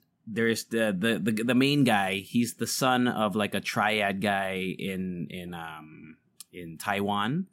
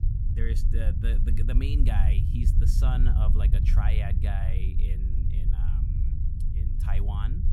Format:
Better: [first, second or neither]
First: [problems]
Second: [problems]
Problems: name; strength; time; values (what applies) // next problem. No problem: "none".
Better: first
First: none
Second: low rumble; loud; throughout; 3 dB below the speech